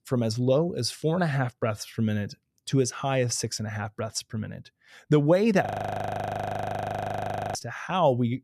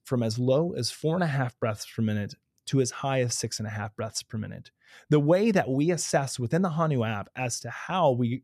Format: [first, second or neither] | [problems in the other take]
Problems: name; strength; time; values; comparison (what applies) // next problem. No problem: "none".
second | audio freezing; at 5.5 s for 2 s